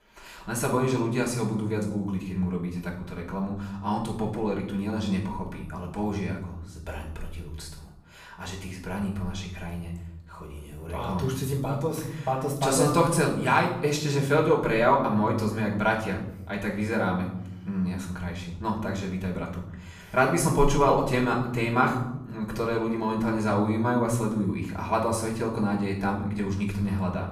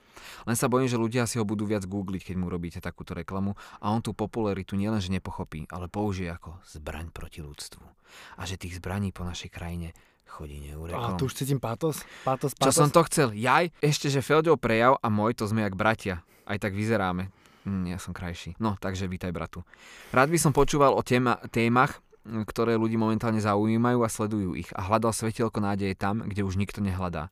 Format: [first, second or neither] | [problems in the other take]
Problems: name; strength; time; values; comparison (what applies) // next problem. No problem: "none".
second | off-mic speech; far // room echo; noticeable; dies away in 0.9 s